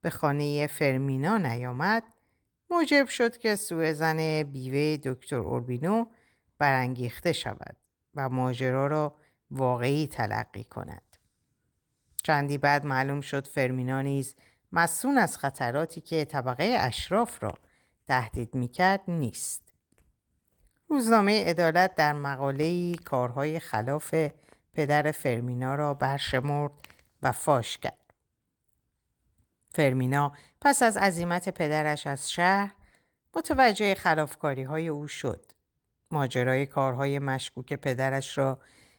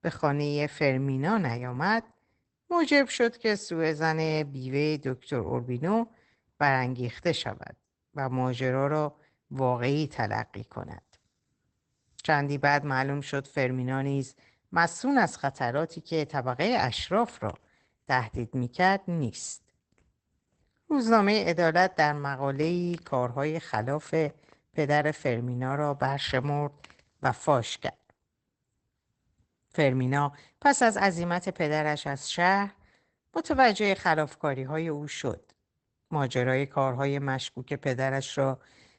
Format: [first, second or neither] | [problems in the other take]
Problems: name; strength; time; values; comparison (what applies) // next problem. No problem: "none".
first | garbled, watery; badly; nothing above 8 kHz; slightly in the first